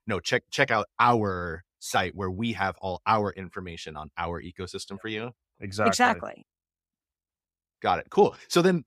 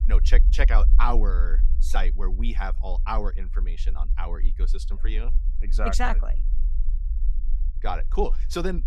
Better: first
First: none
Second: low rumble; noticeable; throughout; 20 dB below the speech

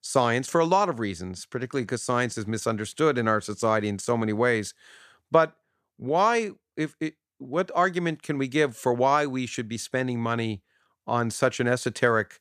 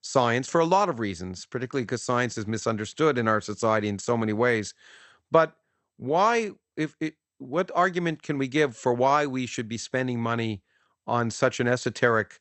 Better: first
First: none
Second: garbled, watery; slightly; nothing above 8 kHz

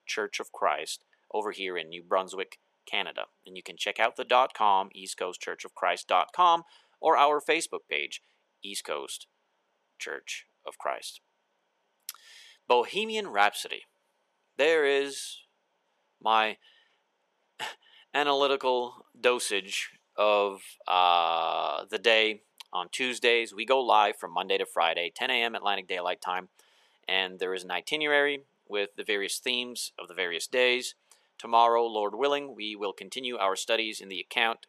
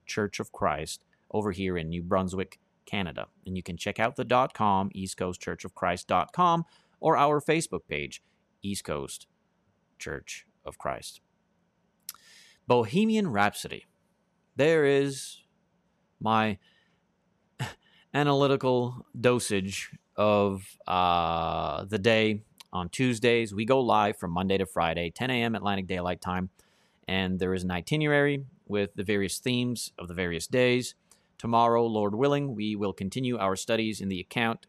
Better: second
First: thin; very; fading below 400 Hz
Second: none

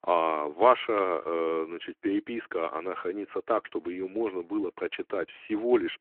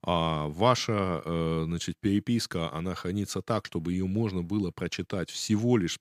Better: second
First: phone-call audio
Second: none

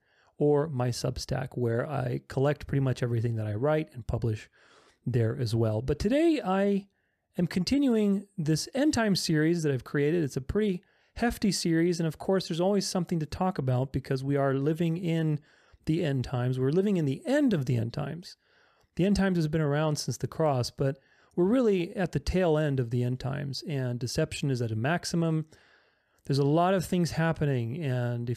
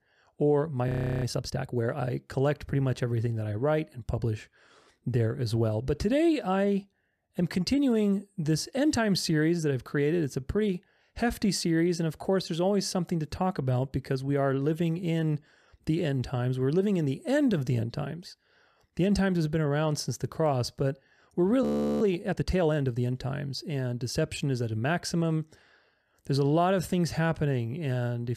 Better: first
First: none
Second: audio freezing; at 1 s and at 22 s

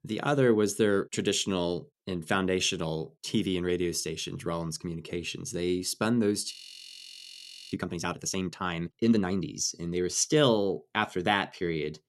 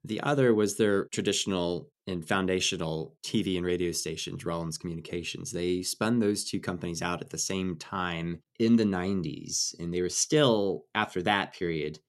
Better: second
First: audio freezing; at 6.5 s for 1 s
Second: none

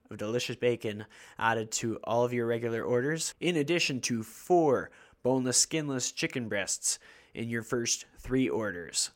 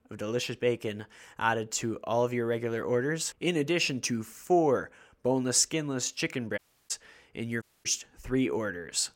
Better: first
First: none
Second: audio cutting out; at 6.5 s and at 7.5 s

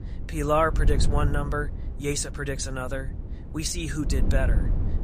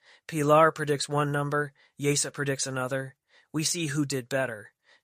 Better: second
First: wind noise on the microphone; occasional gusts; 15 dB below the speech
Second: none

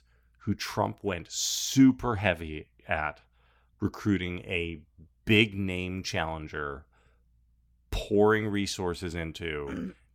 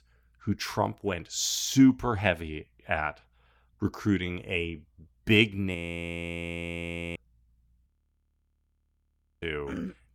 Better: first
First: none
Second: audio freezing; at 6 s for 1.5 s and at 8 s for 1.5 s

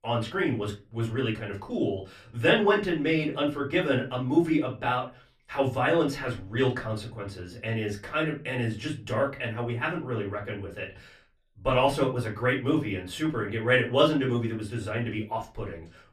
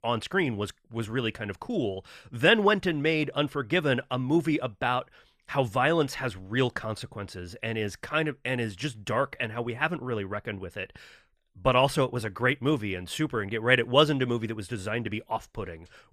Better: second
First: off-mic speech; far // room echo; very slight; dies away in 0.3 s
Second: none

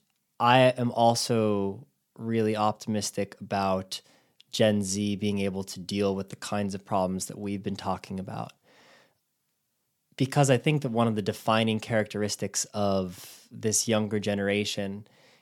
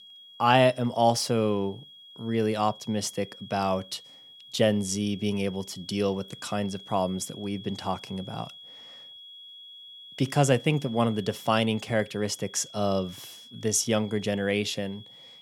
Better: first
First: none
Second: high-pitched whine; noticeable; throughout; 3.5 kHz, 20 dB below the speech

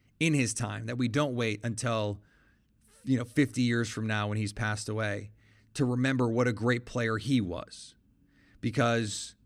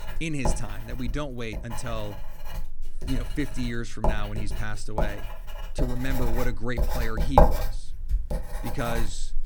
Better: first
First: none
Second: household noises; very loud; throughout; 2 dB above the speech

